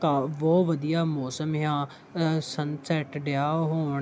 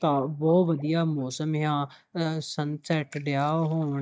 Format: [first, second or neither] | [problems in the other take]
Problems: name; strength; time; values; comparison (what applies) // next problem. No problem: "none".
first | noise reduction (neural mask model DeepFilterNet 3)